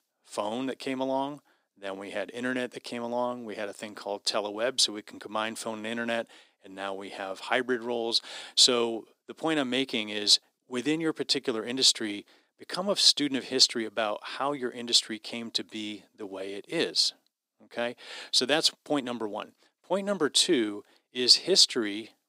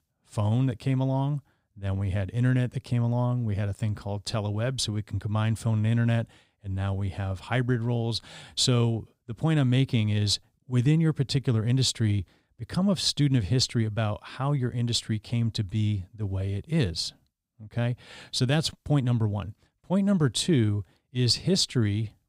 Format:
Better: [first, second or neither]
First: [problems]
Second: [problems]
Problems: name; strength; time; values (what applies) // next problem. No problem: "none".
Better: second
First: thin; very; fading below 300 Hz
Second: none